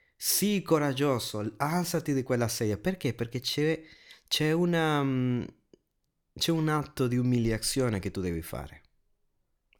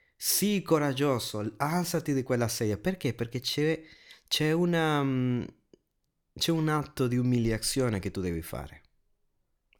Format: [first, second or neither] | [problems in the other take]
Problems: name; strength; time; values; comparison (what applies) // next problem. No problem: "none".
neither | none